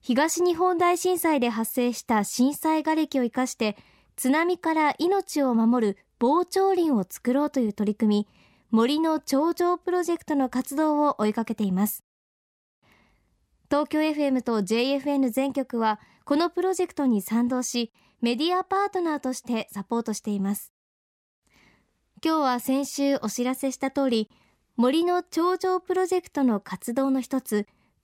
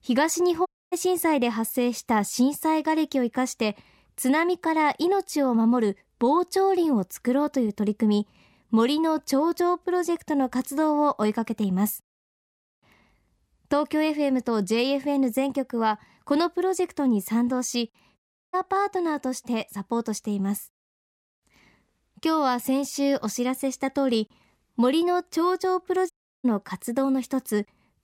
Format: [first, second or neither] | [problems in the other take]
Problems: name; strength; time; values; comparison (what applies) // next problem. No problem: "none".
first | audio cutting out; at 0.5 s, at 18 s and at 26 s